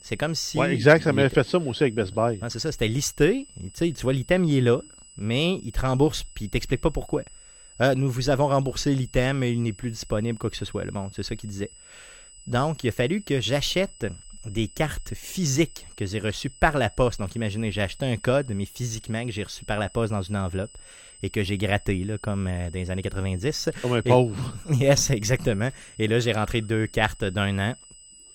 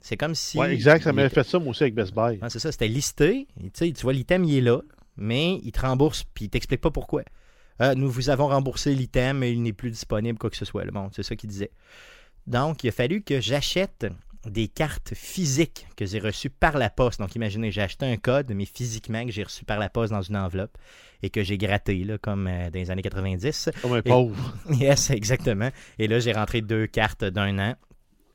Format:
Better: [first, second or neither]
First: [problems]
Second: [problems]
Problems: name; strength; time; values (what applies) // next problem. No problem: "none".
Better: second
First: high-pitched whine; faint; throughout; 8 kHz, 20 dB below the speech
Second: none